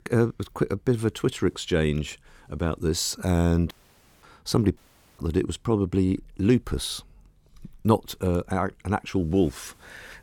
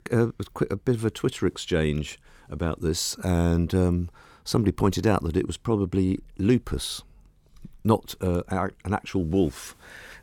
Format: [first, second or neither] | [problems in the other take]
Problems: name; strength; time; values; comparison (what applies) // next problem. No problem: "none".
second | audio cutting out; at 3.5 s for 0.5 s and at 5 s